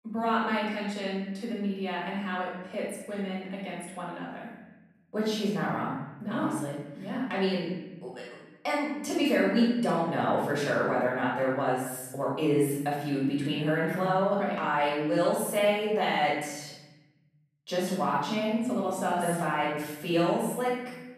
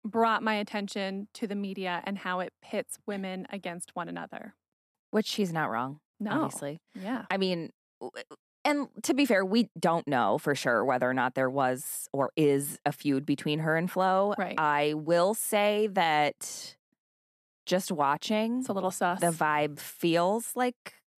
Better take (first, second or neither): second